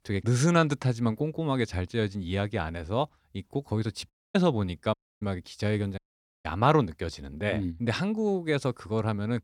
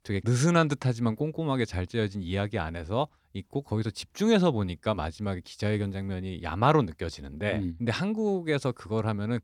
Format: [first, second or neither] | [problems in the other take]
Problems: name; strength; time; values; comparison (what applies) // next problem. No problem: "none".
second | audio cutting out; at 4 s, at 5 s and at 6 s